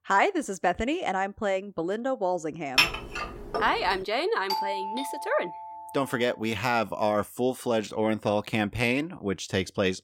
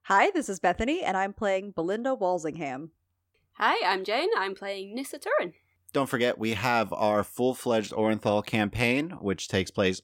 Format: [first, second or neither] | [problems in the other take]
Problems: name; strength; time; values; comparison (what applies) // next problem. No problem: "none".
second | clattering dishes; loud; at 3 s; peak 6 dB above the speech // doorbell; noticeable; from 4.5 to 6 s; peak 2 dB below the speech